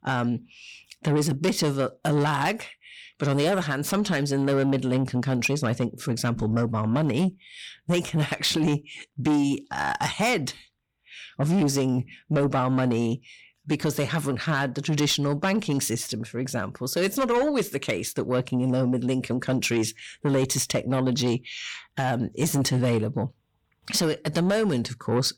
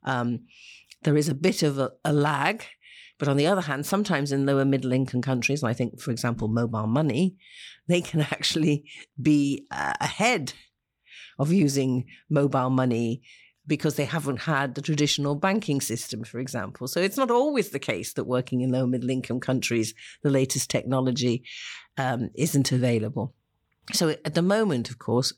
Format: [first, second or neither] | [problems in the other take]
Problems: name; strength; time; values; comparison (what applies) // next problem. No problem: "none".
second | distortion; slight; 10 dB below the speech